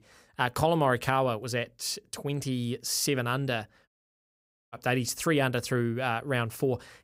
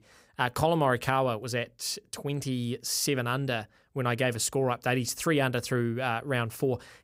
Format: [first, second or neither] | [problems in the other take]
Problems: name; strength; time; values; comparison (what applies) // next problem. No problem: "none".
second | audio cutting out; at 4 s for 1 s